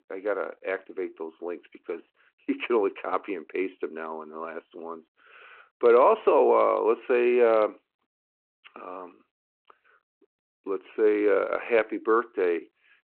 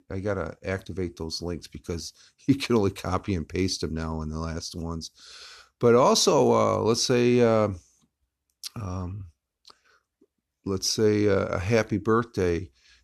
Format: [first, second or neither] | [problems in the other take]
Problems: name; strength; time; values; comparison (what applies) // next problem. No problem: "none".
second | phone-call audio